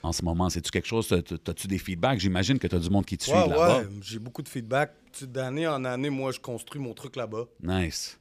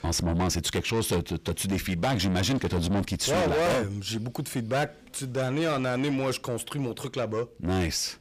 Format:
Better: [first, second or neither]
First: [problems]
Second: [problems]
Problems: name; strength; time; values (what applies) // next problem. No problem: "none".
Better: first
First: none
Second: distortion; heavy; 6 dB below the speech